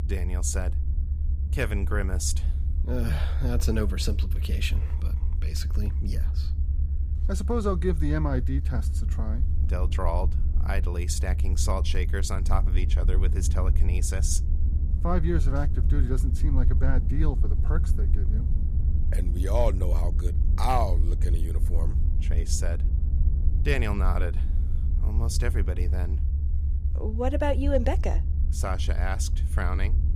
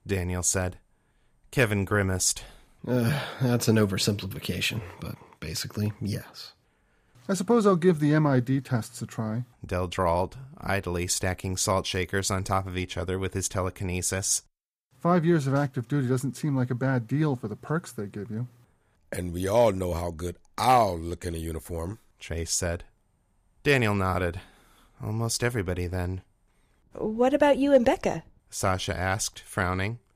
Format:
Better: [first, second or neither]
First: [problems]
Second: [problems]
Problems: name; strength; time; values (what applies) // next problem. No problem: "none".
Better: second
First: low rumble; noticeable; throughout; 10 dB below the speech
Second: none